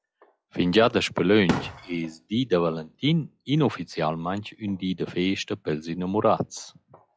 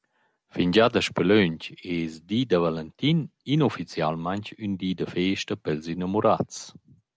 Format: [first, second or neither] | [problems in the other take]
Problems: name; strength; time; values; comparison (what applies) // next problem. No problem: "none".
second | noise reduction (classical method log-MMSE)